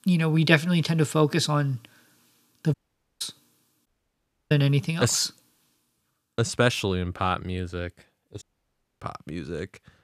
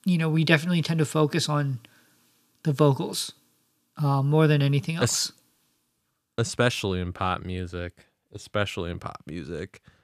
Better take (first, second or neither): second